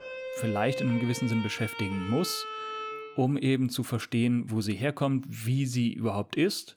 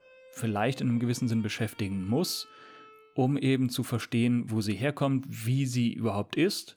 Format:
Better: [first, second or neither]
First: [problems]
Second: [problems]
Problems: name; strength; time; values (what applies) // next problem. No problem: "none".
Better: second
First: background music; loud; until 3 s; 8 dB below the speech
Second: background music; faint; until 3 s; 25 dB below the speech